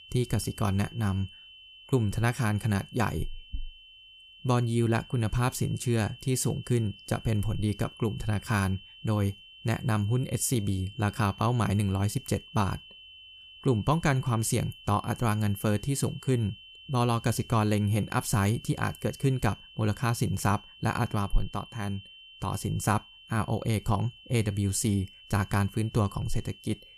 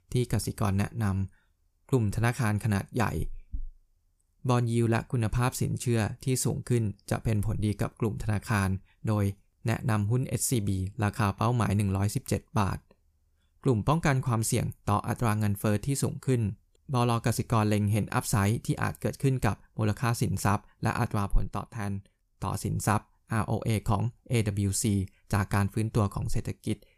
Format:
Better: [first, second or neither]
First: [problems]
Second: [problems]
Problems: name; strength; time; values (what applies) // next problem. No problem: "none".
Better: second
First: high-pitched whine; noticeable; throughout; 3 kHz, 20 dB below the speech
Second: none